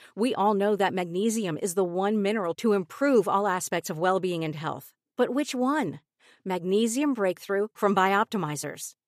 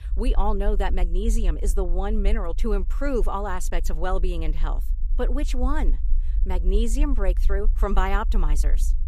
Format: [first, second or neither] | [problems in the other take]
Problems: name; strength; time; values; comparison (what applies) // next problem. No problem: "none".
first | low rumble; faint; throughout; 20 dB below the speech